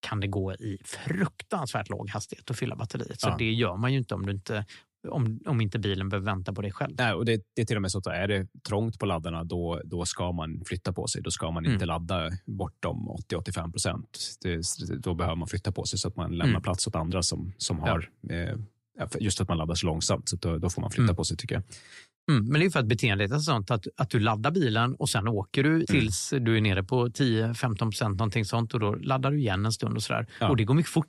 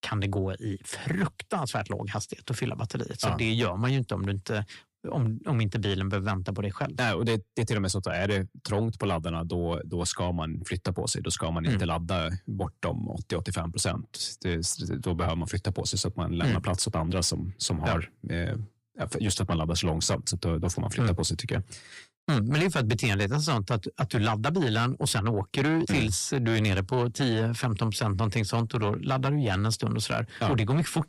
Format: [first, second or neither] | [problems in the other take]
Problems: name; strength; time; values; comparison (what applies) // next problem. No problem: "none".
first | distortion; slight; 10 dB below the speech